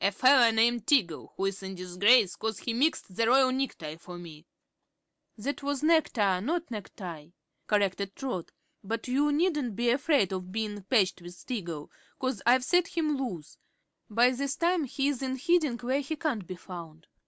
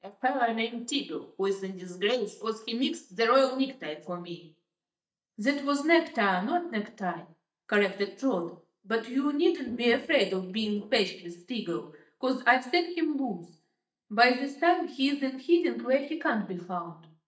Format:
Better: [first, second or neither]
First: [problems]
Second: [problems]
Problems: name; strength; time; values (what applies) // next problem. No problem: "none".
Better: first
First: none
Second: noise reduction (neural mask model DeepFilterNet 3)